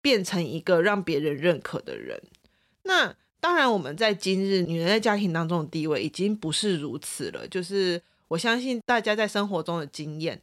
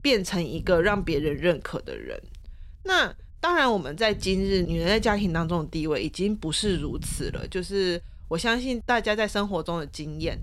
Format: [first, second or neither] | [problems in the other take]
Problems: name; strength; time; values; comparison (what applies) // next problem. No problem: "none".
first | low rumble; faint; throughout; 25 dB below the speech